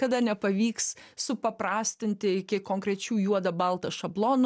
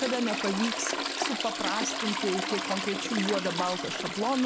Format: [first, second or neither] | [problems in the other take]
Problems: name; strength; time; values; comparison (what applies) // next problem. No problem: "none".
first | background sound (Trickle, dribble / Toilet flush); 1 dB below the speech